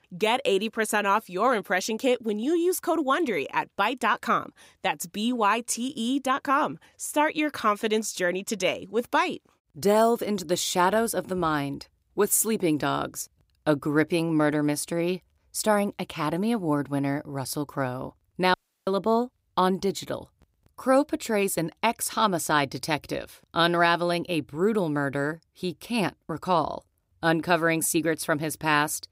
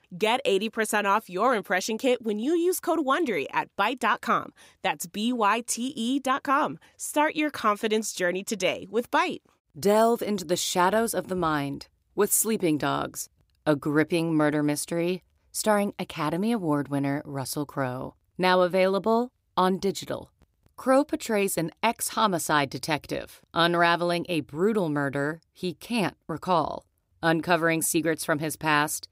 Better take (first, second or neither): second